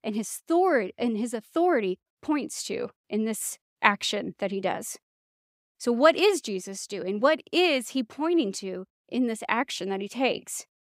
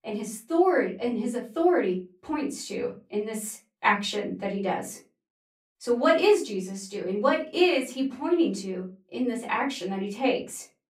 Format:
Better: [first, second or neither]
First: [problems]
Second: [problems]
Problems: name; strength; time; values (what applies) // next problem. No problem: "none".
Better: first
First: none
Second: off-mic speech; far // room echo; slight; dies away in 0.3 s